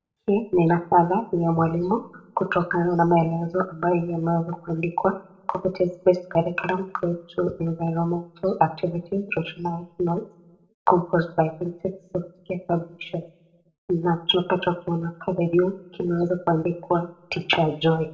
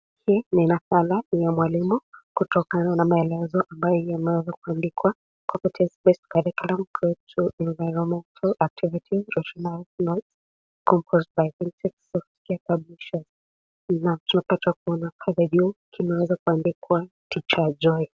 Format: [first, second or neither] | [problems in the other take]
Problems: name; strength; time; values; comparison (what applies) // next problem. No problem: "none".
second | room echo; dies away in 0.4 s